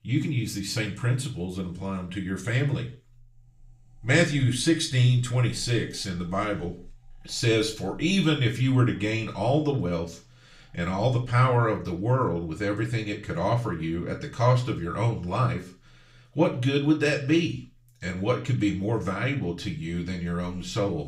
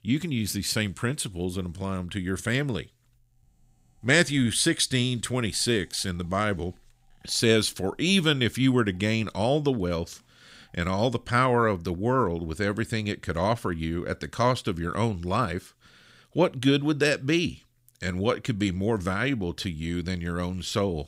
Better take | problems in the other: second | room echo; slight; dies away in 0.3 s // off-mic speech; far

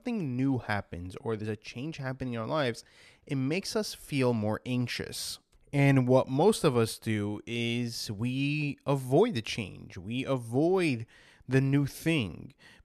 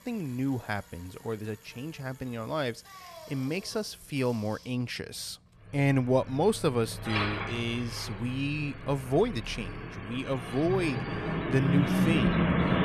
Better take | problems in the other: first | traffic noise; loud; throughout; 1 dB below the speech

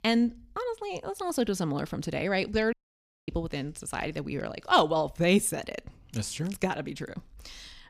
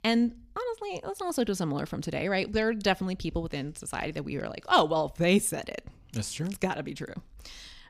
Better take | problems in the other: second | audio cutting out; at 2.5 s for 0.5 s

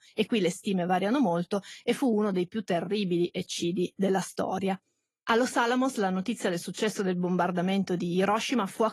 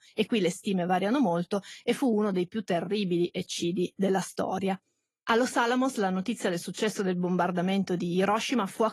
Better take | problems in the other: neither | garbled, watery; slightly; nothing above 12 kHz; the same in both

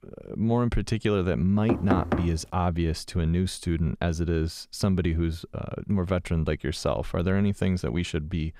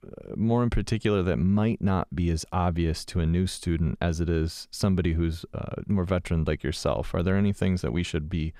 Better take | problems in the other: second | door banging; noticeable; at 1.5 s; peak level with the speech

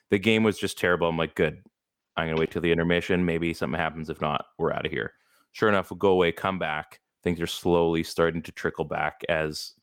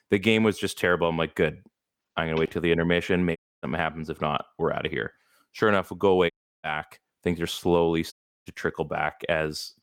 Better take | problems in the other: first | audio cutting out; at 3.5 s, at 6.5 s and at 8 s

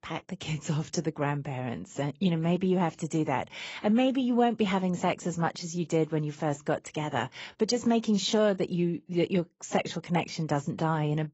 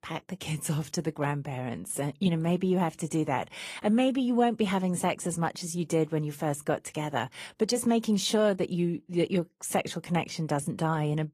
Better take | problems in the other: second | garbled, watery; badly; nothing above 8 kHz; slightly in the second

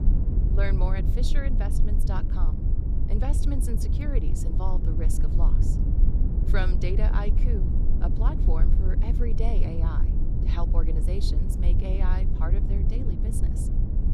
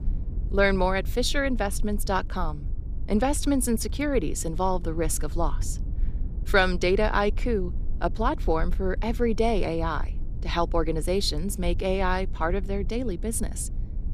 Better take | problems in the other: second | low rumble; loud; throughout; 3 dB below the speech; faint in the second

